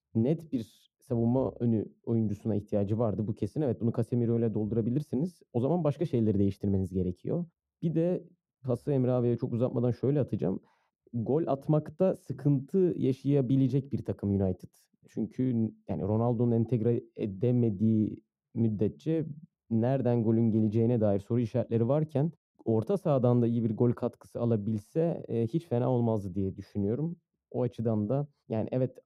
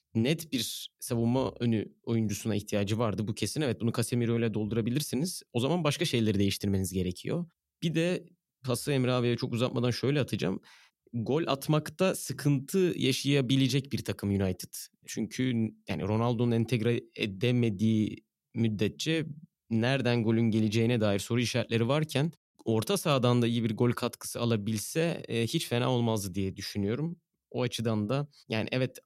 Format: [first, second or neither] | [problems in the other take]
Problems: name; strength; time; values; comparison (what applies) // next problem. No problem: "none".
second | muffled; very; fading above 1.5 kHz